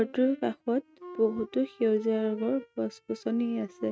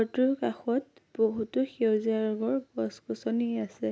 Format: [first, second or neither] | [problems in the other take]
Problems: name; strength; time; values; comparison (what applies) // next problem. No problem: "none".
second | noise reduction (neural mask model RNNoise)